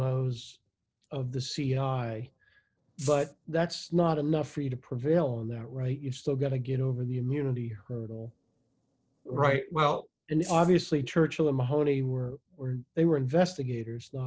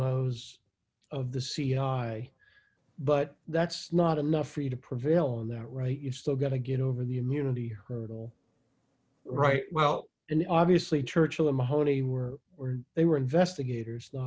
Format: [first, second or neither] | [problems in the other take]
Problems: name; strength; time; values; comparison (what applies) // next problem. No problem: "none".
second | noise reduction (neural separator model SepFormer DNS4)